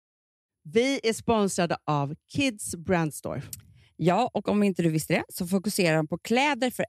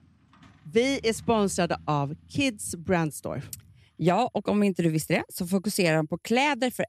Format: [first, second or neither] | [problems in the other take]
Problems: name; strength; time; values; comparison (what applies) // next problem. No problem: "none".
first | traffic noise; faint; throughout; 25 dB below the speech